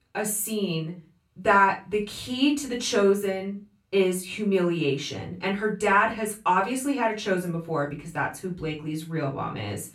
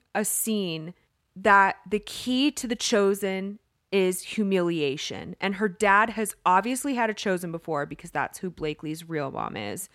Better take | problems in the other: second | off-mic speech; far // room echo; very slight; dies away in 0.3 s

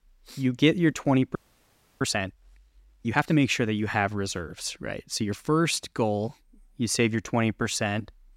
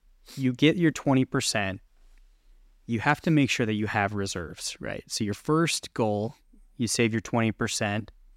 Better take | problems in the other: second | audio freezing; at 1.5 s for 0.5 s

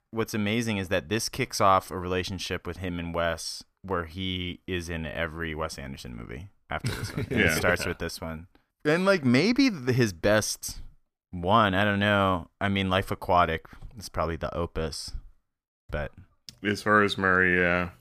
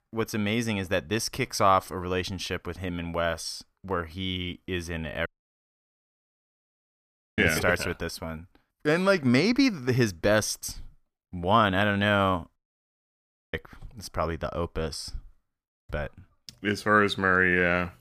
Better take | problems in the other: first | audio cutting out; at 5.5 s for 2 s and at 13 s for 1 s

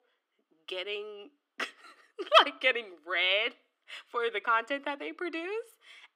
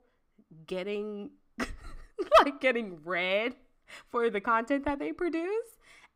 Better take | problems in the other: second | thin; somewhat; fading below 300 Hz

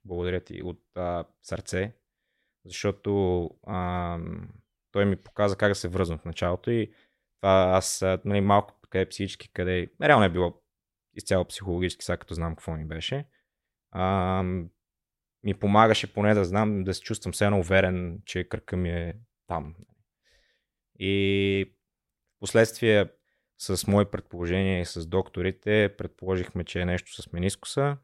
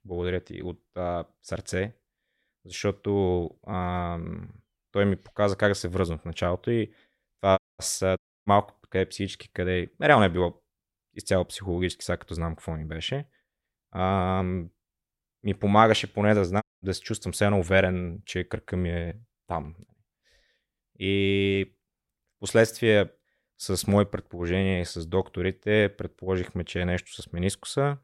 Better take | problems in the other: first | audio cutting out; at 7.5 s, at 8 s and at 17 s

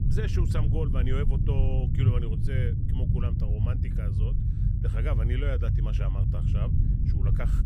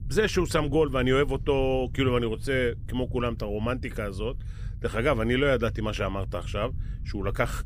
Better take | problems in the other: second | low rumble; loud; throughout; 1 dB below the speech; faint in the second

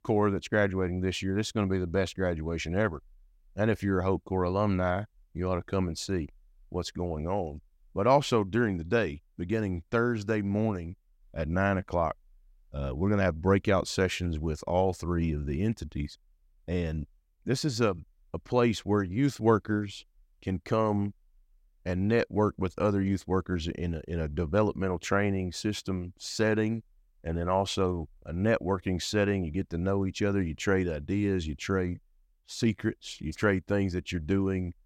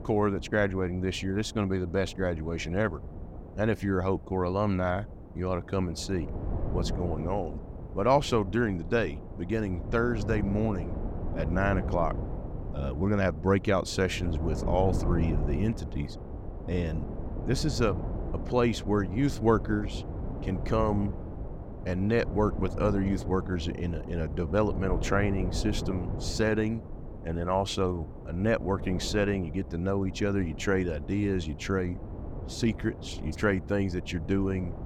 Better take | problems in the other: first | wind noise on the microphone; occasional gusts; 15 dB below the speech

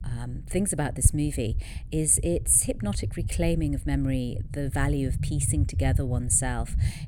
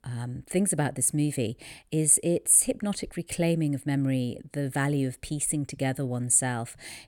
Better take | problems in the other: second | low rumble; noticeable; throughout; 15 dB below the speech

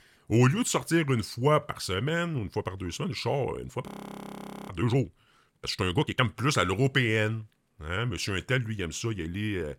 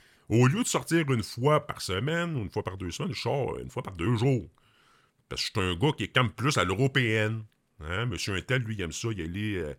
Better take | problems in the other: second | audio freezing; at 4 s for 1 s

